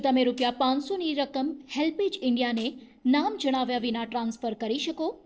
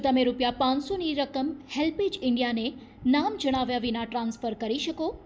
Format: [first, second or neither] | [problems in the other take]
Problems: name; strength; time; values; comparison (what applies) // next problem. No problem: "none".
second | noise reduction (neural separator model SepFormer DNS4)